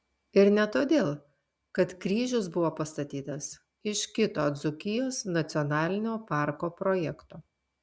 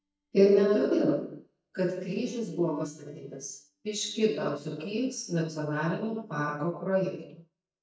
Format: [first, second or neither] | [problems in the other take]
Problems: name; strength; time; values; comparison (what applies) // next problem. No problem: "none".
first | noise reduction (neural mask model DeepFilterNet 3)